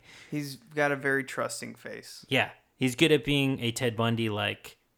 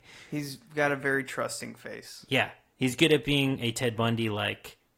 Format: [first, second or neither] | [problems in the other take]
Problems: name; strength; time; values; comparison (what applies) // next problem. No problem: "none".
first | garbled, watery; slightly; nothing above 15.5 kHz